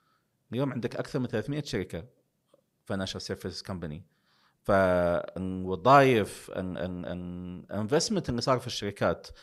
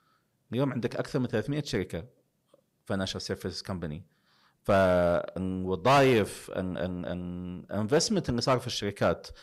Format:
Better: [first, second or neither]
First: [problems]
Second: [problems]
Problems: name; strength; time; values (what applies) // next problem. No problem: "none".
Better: first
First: none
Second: distortion; slight; 1.8% of the sound clipped